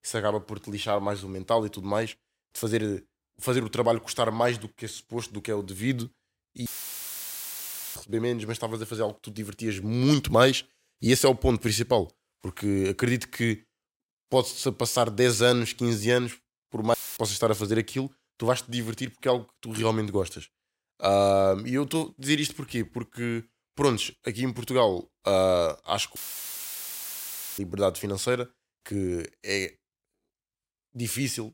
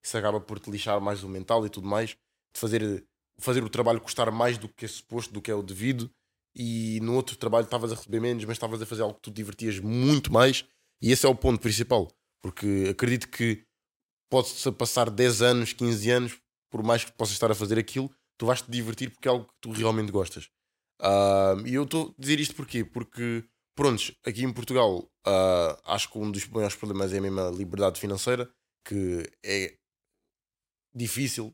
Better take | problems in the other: second | audio cutting out; filled with static; at 6.5 s for 1.5 s, at 17 s and at 26 s for 1.5 s

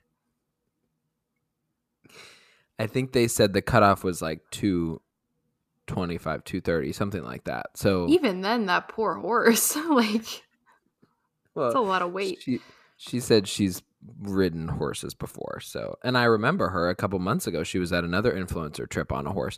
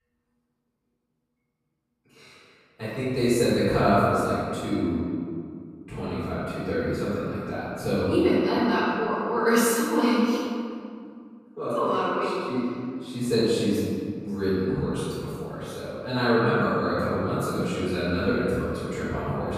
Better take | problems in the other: first | off-mic speech; far // room echo; strong; dies away in 2 s

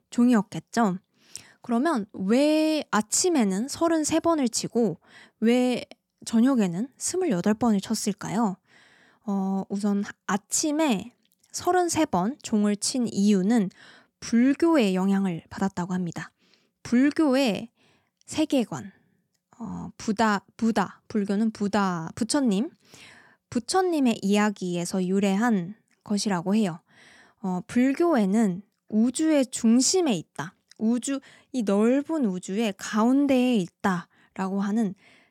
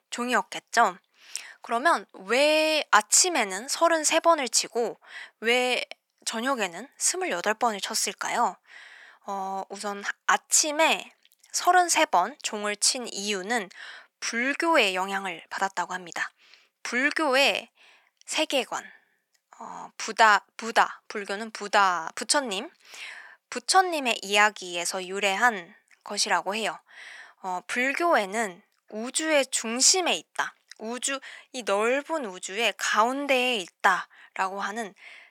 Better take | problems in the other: first | thin; very; fading below 750 Hz

